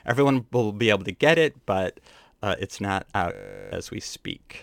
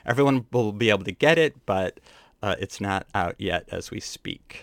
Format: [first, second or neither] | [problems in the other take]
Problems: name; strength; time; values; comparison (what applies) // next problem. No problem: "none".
second | audio freezing; at 3.5 s